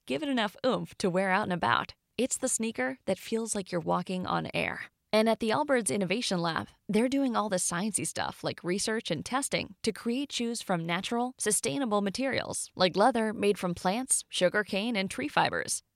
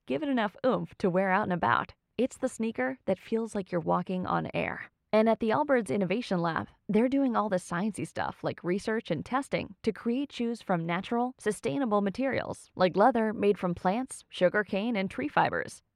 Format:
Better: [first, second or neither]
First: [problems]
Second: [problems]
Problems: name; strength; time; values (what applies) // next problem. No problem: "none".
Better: first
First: none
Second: muffled; slightly; fading above 3.5 kHz